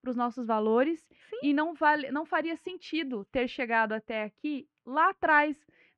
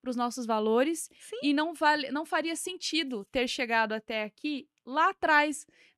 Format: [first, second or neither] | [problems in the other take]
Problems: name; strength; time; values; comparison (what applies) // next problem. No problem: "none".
second | muffled; very; fading above 2 kHz